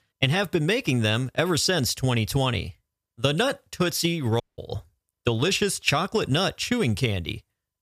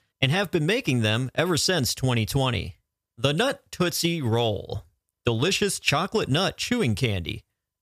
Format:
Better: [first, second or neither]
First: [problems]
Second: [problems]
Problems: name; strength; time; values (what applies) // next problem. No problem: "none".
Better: second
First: audio cutting out; at 4.5 s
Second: none